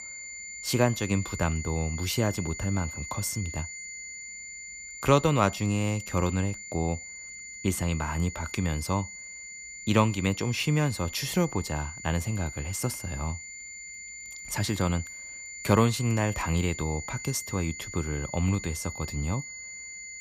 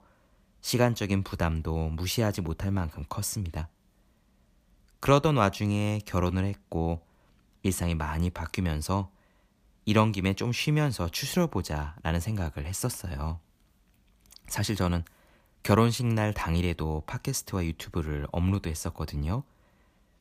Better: second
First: high-pitched whine; loud; throughout; 2 kHz, 10 dB below the speech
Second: none

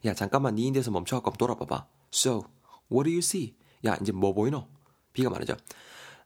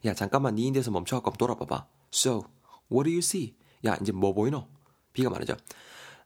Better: neither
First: none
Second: none

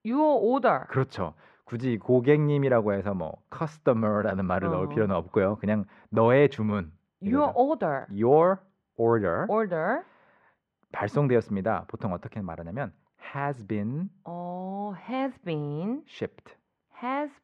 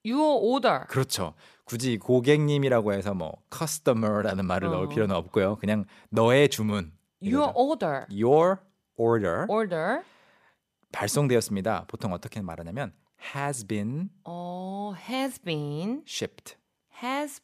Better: second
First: muffled; very; fading above 1.5 kHz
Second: none

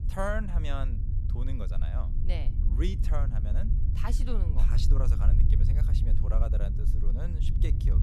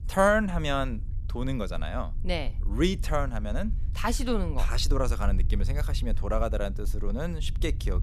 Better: second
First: low rumble; loud; throughout; 6 dB below the speech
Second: low rumble; faint; throughout; 20 dB below the speech

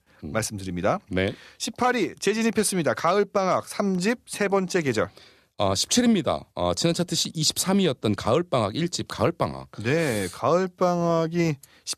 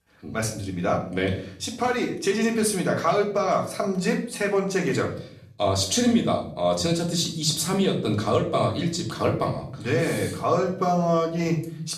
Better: first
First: none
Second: room echo; slight; dies away in 0.5 s // off-mic speech; far

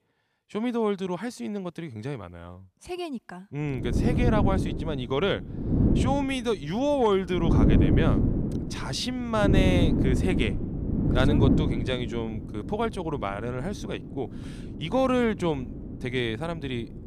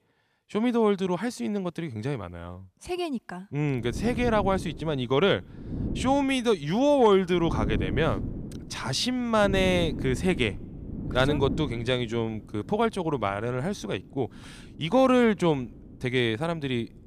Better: second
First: wind noise on the microphone; heavy; from 3.5 s on; 2 dB below the speech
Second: wind noise on the microphone; occasional gusts; from 3.5 s on; 15 dB below the speech

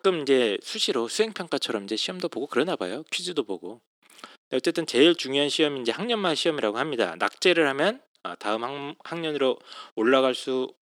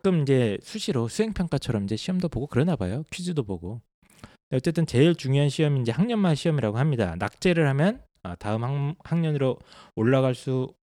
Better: second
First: thin; somewhat; fading below 300 Hz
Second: none

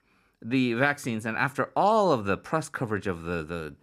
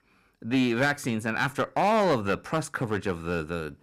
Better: first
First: none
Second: distortion; slight; 5% of the sound clipped

